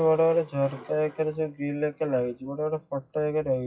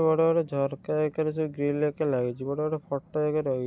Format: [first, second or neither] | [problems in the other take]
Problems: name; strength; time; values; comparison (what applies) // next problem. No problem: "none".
second | noise reduction (classical method WPE with log-MMSE)